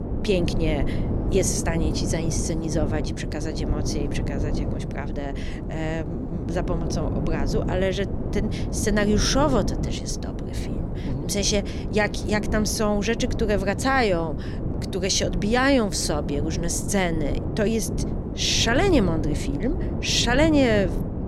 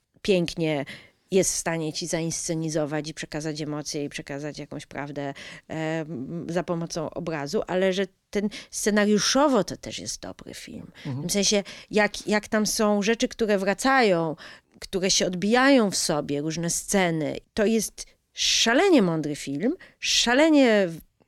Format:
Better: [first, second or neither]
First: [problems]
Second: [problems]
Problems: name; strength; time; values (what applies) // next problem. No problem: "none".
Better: second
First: wind noise on the microphone; heavy; 10 dB below the speech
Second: none